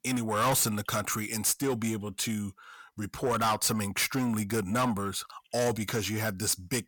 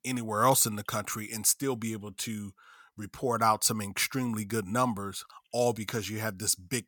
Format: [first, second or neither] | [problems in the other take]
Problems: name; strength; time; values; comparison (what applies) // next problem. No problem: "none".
second | distortion; heavy; 7 dB below the speech